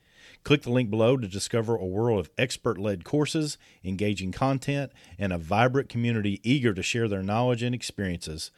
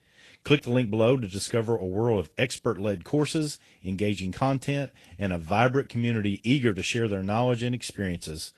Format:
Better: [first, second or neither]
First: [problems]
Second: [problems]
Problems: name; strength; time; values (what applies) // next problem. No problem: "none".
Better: first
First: none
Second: garbled, watery; slightly; nothing above 11.5 kHz